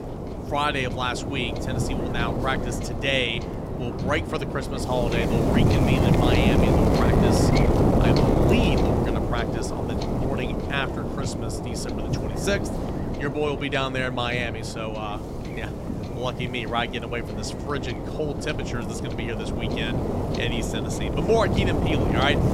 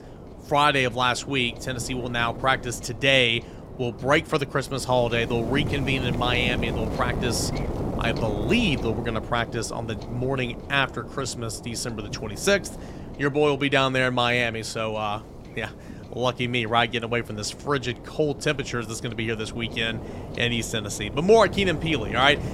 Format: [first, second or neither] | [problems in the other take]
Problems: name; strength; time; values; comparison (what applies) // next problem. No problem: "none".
second | wind noise on the microphone; heavy; 1 dB below the speech; occasional gusts in the second